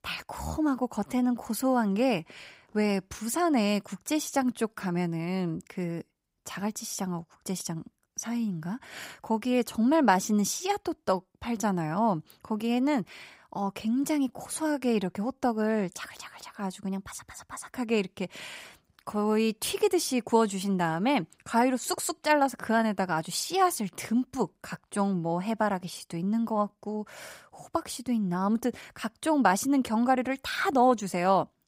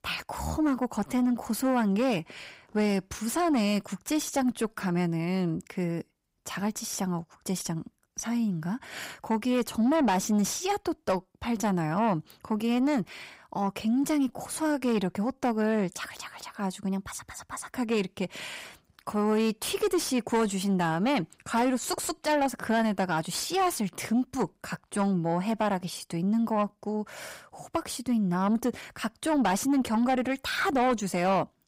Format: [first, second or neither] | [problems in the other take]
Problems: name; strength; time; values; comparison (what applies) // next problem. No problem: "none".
first | distortion; slight; 10 dB below the speech